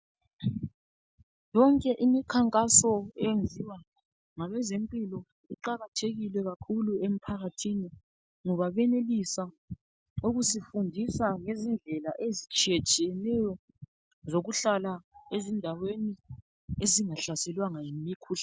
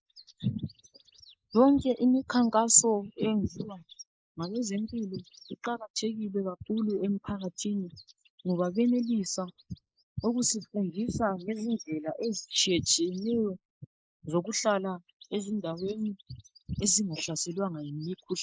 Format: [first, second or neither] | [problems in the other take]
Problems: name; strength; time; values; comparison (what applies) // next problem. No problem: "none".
first | noise reduction (neural mask model Resemble Enhance denoiser)